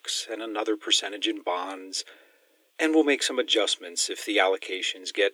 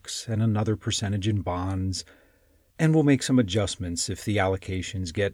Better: second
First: thin; very; fading below 300 Hz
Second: none

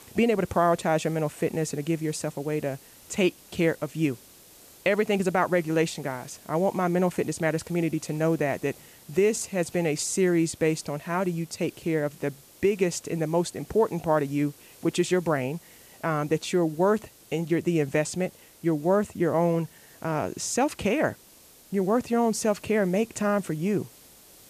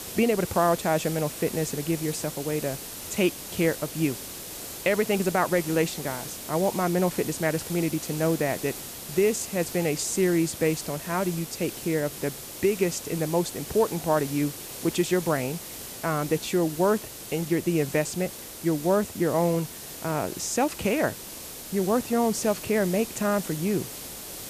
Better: first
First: hiss; faint; throughout; 25 dB below the speech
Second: hiss; loud; throughout; 9 dB below the speech

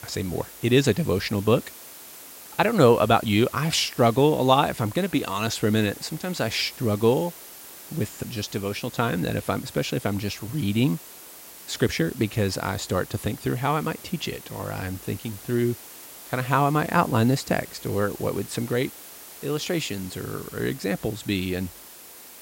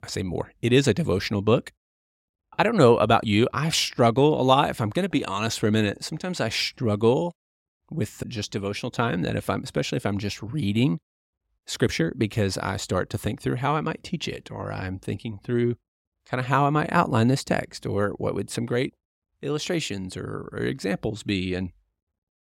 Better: second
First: hiss; noticeable; throughout; 15 dB below the speech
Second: none

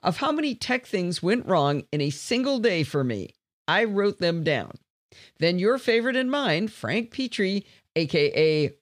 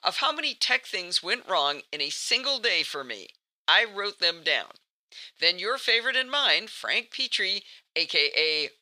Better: first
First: none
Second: thin; very; fading below 850 Hz

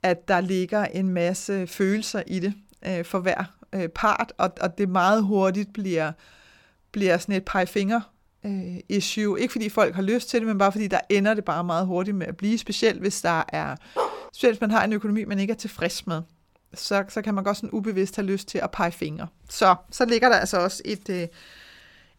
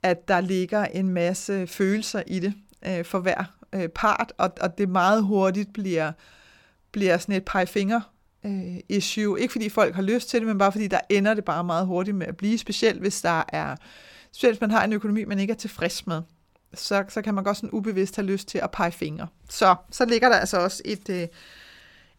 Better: second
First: dog barking; noticeable; at 14 s; peak 4 dB below the speech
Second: none

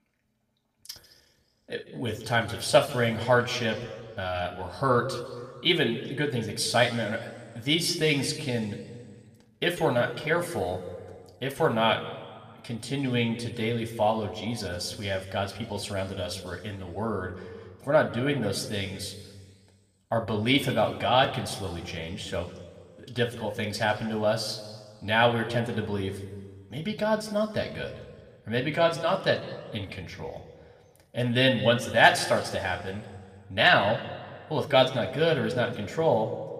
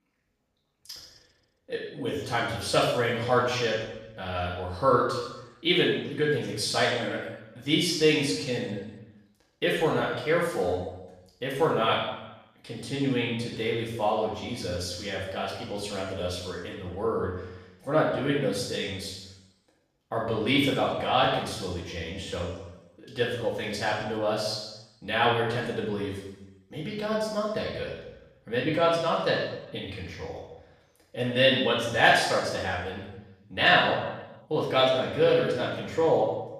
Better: first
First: room echo; slight; dies away in 1.5 s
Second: room echo; strong; dies away in 0.9 s // off-mic speech; far

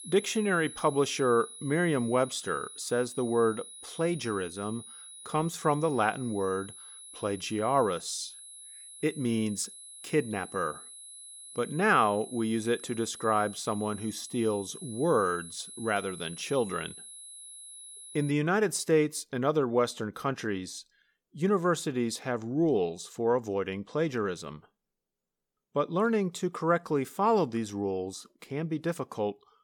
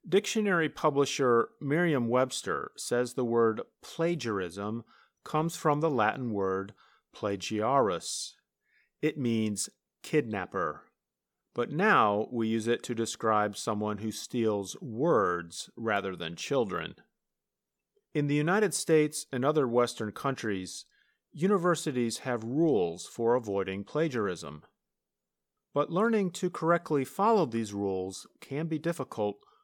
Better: second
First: high-pitched whine; noticeable; until 18 s; 10.5 kHz, 15 dB below the speech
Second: none

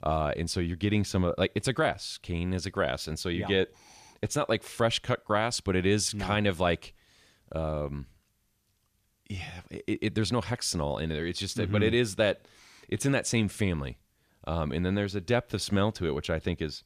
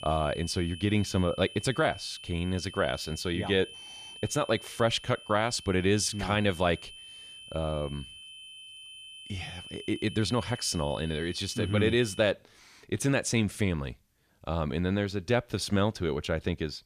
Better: first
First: none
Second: high-pitched whine; noticeable; until 12 s; 3 kHz, 15 dB below the speech

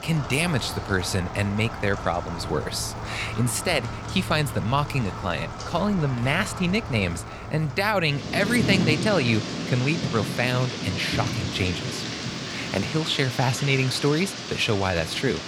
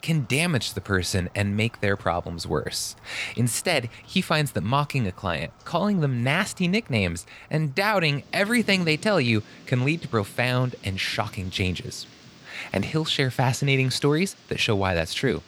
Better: second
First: rain or running water; loud; throughout; 6 dB below the speech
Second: rain or running water; faint; throughout; 25 dB below the speech

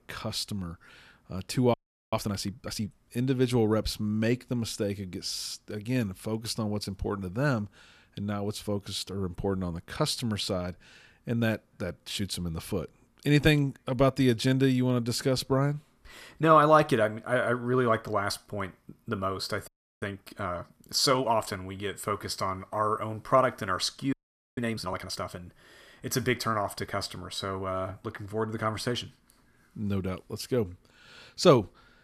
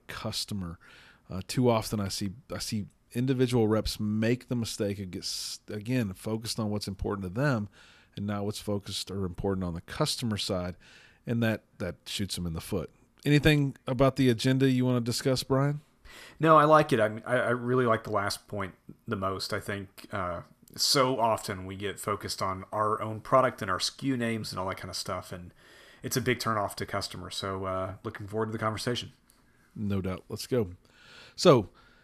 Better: second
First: audio freezing; at 1.5 s, at 20 s and at 24 s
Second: none

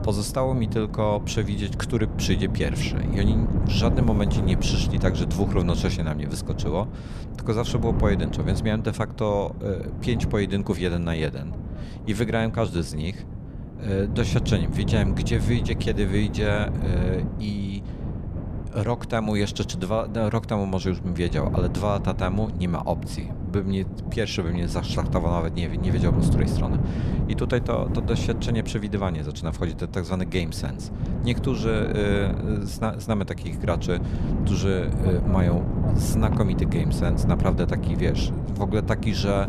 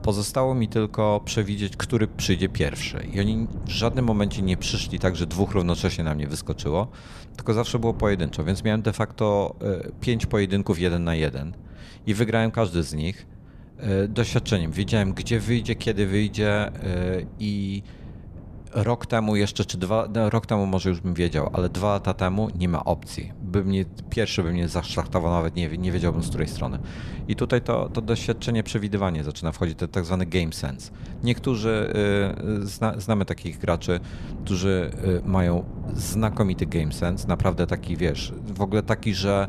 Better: second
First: wind noise on the microphone; heavy; 7 dB below the speech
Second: wind noise on the microphone; occasional gusts; 20 dB below the speech

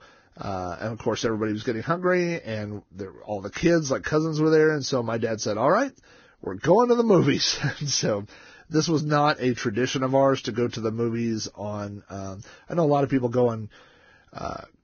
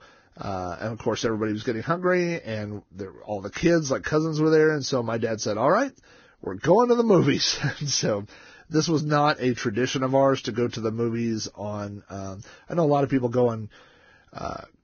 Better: neither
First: garbled, watery; badly; nothing above 6.5 kHz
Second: garbled, watery; badly; nothing above 6.5 kHz

